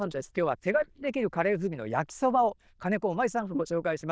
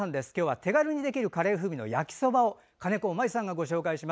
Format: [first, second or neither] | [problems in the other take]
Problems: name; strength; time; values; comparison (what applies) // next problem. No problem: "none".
second | noise reduction (neural diffusion model UNIVERSE++)